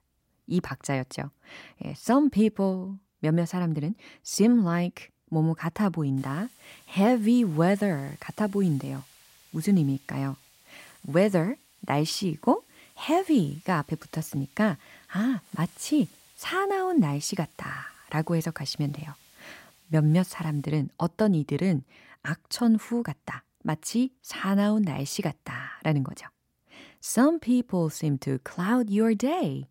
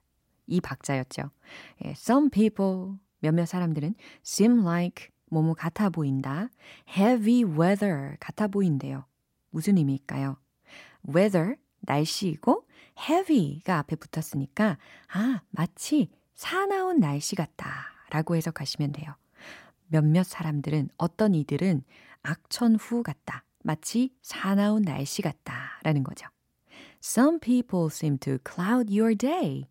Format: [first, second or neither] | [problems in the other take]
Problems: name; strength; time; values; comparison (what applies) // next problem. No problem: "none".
second | hiss; faint; from 6 to 21 s; 30 dB below the speech